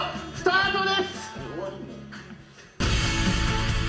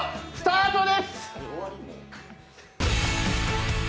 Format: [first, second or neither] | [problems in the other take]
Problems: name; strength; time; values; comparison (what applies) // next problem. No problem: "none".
second | room echo; dies away in 1.3 s